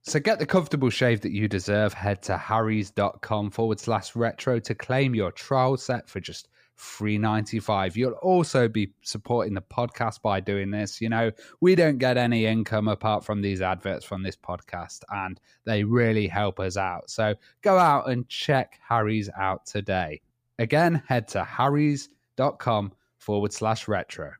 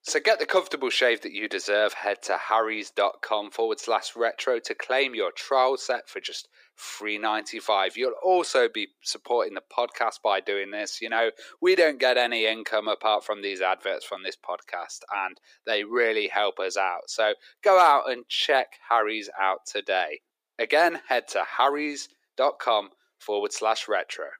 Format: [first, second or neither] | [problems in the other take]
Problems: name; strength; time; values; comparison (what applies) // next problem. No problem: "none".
first | thin; very; fading below 350 Hz